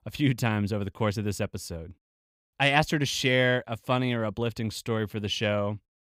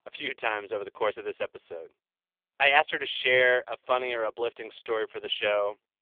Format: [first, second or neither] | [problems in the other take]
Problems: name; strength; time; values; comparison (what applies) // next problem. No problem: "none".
first | phone-call audio; poor line; nothing above 3.5 kHz